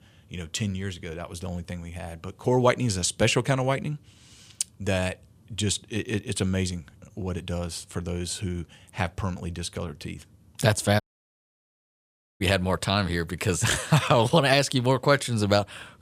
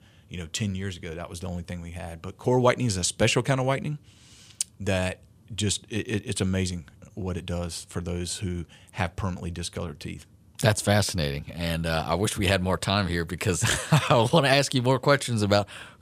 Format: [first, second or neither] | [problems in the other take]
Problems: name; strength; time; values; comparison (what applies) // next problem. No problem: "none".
second | audio cutting out; at 11 s for 1.5 s